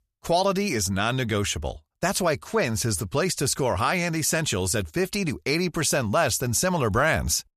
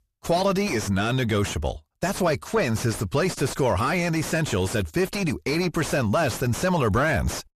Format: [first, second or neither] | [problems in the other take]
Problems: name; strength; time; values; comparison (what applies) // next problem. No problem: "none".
first | distortion; heavy; 6 dB below the speech